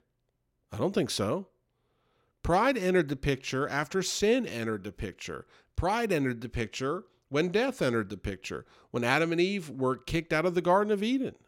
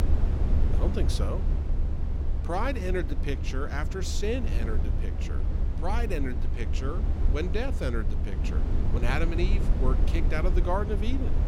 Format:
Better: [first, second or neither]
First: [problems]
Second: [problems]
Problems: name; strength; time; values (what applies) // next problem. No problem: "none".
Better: first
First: none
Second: low rumble; loud; throughout; 8 dB below the speech